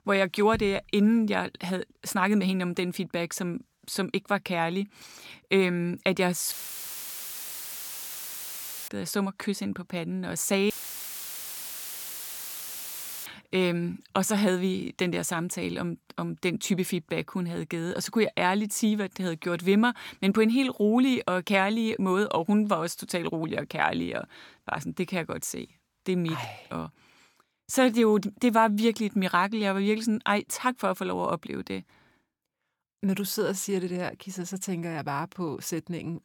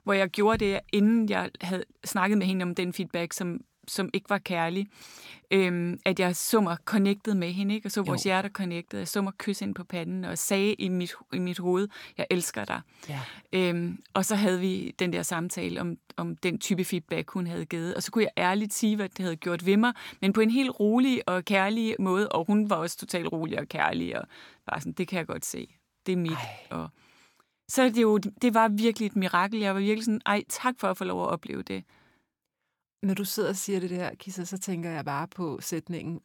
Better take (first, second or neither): second